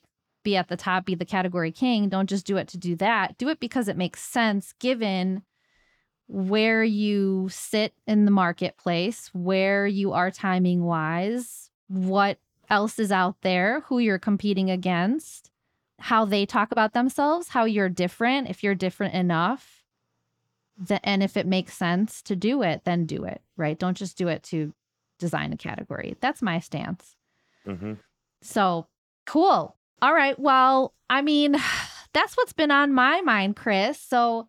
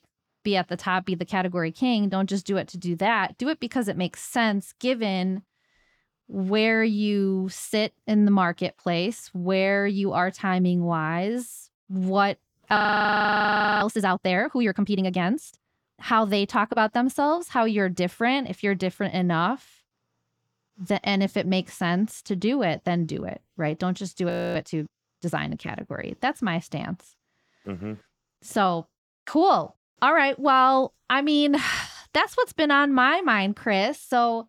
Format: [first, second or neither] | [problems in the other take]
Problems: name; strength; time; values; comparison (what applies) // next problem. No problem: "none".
first | audio freezing; at 13 s for 1 s and at 24 s